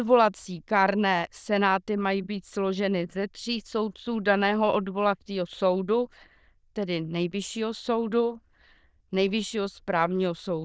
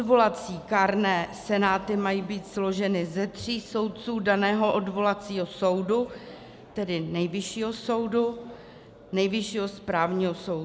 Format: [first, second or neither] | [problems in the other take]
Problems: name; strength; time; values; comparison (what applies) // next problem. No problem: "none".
second | noise reduction (neural diffusion model UNIVERSE++)